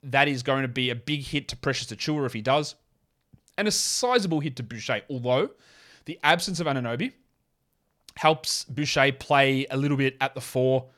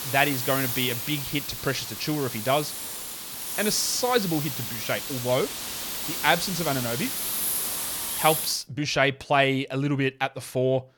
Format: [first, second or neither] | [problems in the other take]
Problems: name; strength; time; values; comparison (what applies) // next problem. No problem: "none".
first | hiss; loud; until 8.5 s; 3 dB below the speech